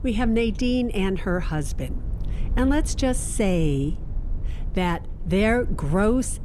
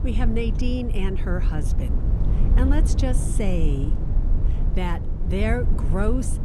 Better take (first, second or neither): first